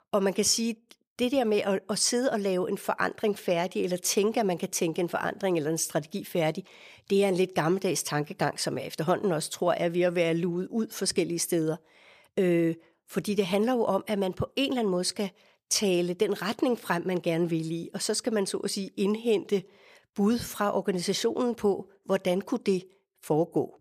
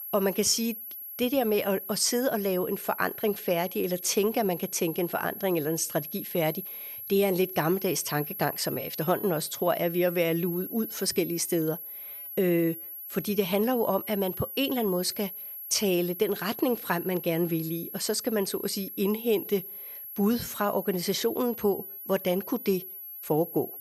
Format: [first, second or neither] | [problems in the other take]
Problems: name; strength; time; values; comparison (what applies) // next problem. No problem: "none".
first | high-pitched whine; loud; throughout; 11.5 kHz, 9 dB below the speech